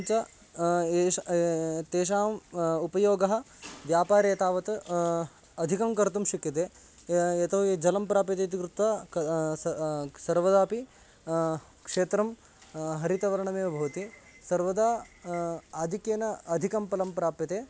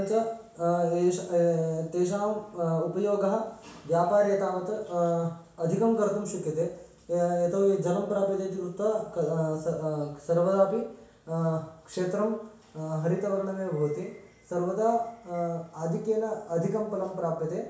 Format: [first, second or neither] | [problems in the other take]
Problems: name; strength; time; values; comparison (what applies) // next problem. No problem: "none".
first | room echo; dies away in 0.6 s